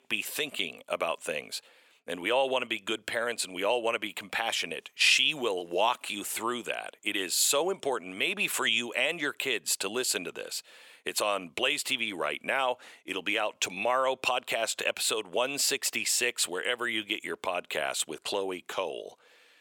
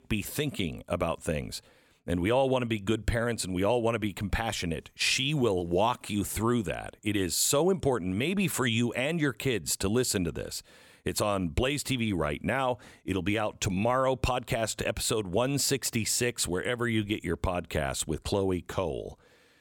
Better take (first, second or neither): second